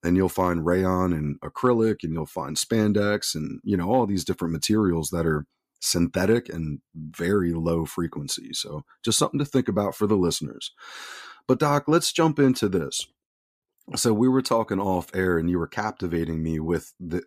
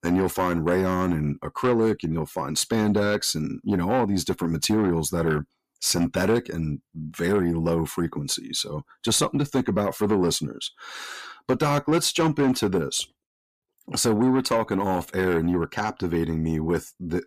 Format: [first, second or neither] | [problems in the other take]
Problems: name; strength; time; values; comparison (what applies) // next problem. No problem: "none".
first | distortion; slight; 10 dB below the speech